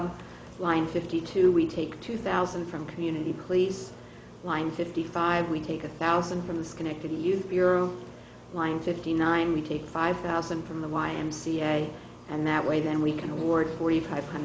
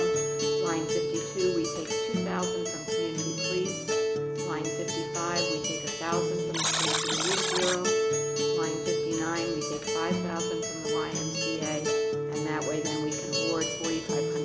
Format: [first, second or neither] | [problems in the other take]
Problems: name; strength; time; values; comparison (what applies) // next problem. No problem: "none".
first | background sound (Acoustic guitar + Alarm); 4 dB above the speech